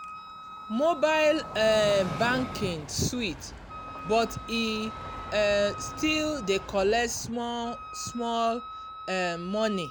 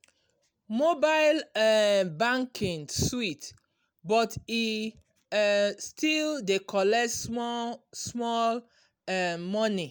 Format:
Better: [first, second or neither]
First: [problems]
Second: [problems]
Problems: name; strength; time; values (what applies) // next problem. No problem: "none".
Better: second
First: background sound (Train + Wind instrument, woodwind instrument); 11 dB below the speech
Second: none